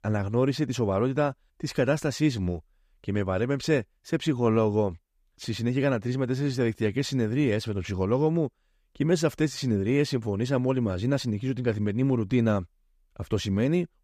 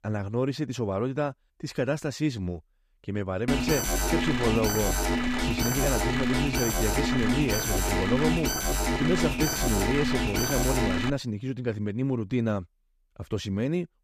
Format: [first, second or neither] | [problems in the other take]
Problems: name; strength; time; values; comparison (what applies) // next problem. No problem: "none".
first | alarm; loud; from 3.5 to 11 s; peak 3 dB above the speech